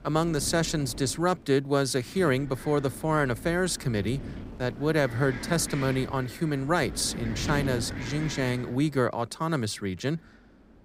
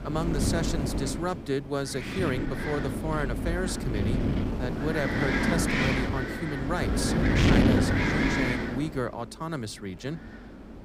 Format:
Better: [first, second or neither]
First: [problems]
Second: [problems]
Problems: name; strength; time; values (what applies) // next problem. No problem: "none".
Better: first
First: wind noise on the microphone; occasional gusts; 15 dB below the speech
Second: wind noise on the microphone; heavy; 3 dB above the speech